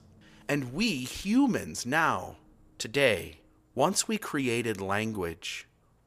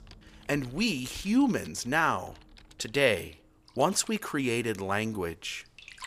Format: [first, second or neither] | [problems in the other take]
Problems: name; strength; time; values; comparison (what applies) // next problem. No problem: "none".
first | household noises; faint; throughout; 25 dB below the speech